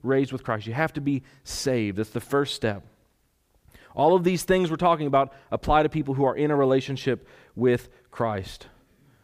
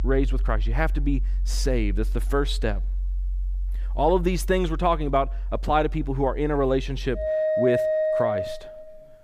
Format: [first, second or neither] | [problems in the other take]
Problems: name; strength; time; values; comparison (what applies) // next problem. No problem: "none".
first | background music; loud; throughout; 2 dB below the speech